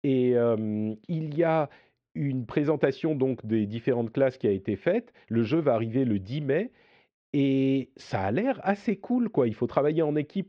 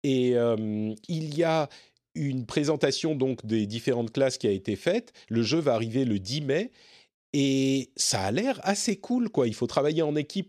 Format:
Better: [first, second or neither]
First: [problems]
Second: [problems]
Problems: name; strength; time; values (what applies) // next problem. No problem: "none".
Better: second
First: muffled; very; fading above 2.5 kHz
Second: none